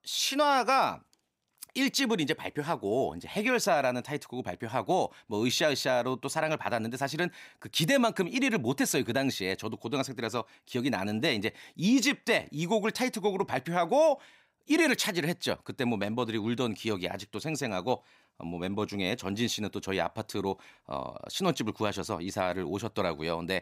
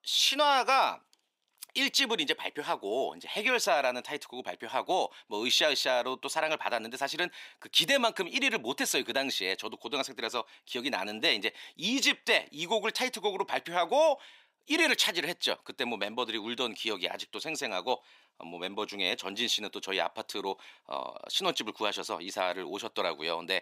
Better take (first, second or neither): first